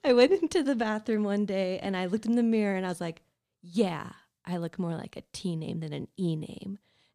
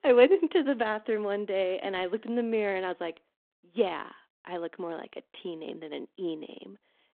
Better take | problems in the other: first | phone-call audio

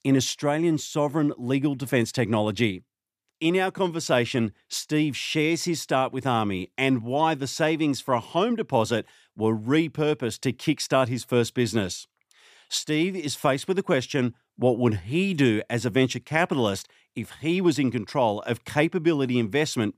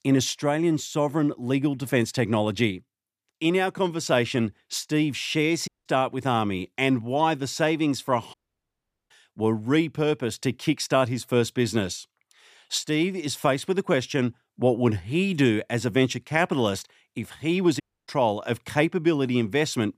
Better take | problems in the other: first | audio cutting out; at 5.5 s, at 8.5 s for 1 s and at 18 s

